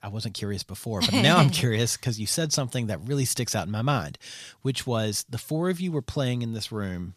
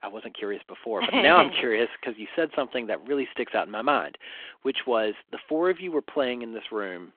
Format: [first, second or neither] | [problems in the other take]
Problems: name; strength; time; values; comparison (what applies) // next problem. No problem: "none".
first | phone-call audio